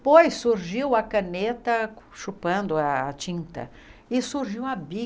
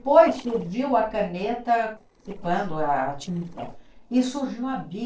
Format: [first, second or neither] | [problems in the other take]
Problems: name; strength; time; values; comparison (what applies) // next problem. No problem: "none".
first | noise reduction (neural separator model SepFormer DNS4)